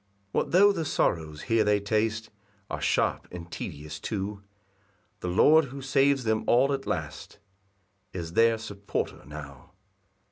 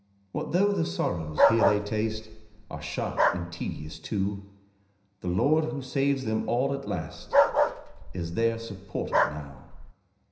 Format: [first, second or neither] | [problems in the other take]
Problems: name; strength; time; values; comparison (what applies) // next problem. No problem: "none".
first | background sound (Bark); 1 dB above the speech // room echo; dies away in 0.9 s